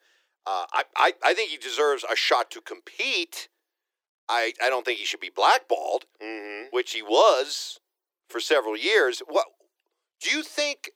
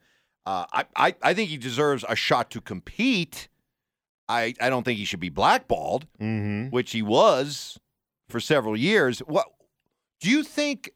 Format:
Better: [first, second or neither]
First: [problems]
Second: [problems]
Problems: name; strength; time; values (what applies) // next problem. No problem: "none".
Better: second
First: thin; very; fading below 350 Hz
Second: none